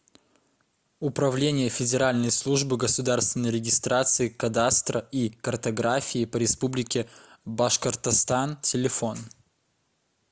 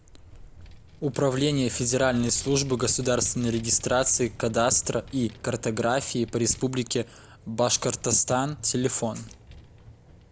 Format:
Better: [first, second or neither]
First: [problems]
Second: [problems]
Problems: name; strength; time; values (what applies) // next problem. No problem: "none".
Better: first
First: none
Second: background sound (Vehicle); 19 dB below the speech